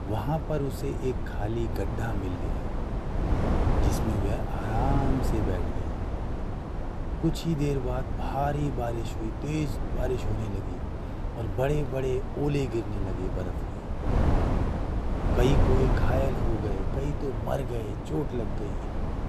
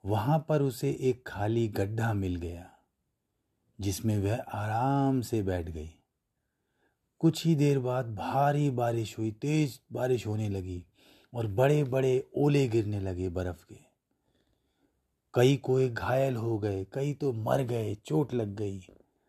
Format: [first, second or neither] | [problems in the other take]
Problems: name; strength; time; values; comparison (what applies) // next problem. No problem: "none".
second | wind noise on the microphone; heavy; 3 dB below the speech